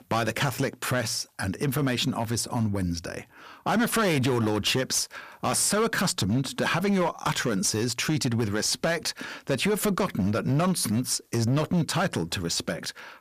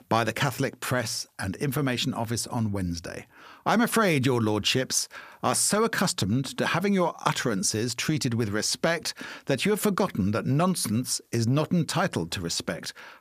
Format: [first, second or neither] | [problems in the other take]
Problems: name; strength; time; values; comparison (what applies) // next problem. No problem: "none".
second | distortion; slight; 10% of the sound clipped